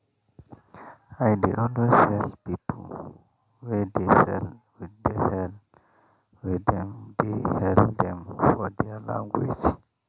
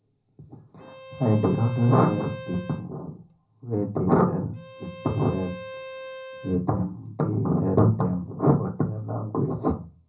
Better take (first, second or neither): first